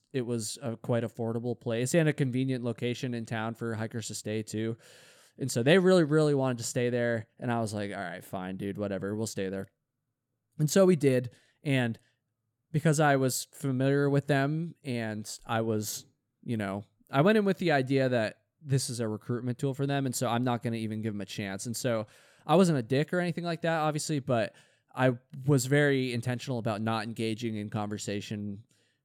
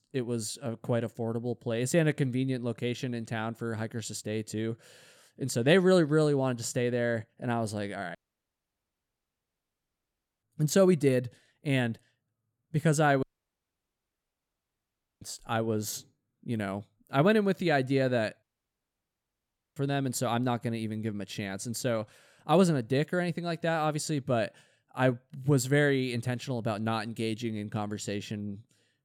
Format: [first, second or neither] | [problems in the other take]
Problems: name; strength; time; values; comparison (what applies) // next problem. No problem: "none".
first | audio cutting out; at 8 s for 2.5 s, at 13 s for 2 s and at 18 s for 1.5 s